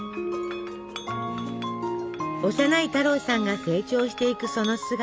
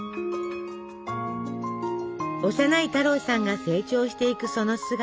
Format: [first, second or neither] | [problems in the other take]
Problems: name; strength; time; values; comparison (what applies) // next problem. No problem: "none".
second | background sound (Chink, clink); 17 dB below the speech